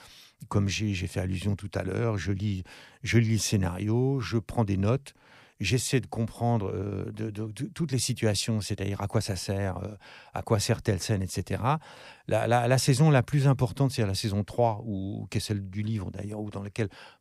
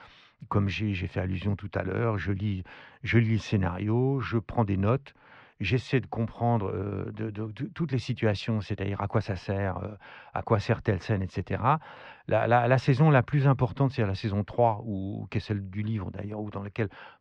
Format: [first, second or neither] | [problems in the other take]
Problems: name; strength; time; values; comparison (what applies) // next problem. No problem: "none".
first | muffled; very; fading above 3 kHz